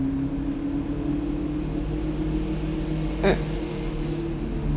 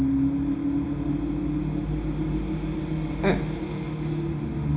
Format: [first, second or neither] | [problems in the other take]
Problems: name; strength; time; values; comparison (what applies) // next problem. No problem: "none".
first | room echo; dies away in 0.4 s